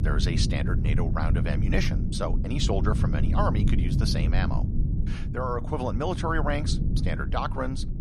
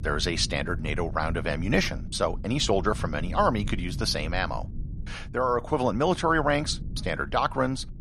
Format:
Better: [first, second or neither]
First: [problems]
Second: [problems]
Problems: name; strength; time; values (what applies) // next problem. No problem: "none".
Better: second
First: low rumble; loud; throughout; 8 dB below the speech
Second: low rumble; faint; throughout; 20 dB below the speech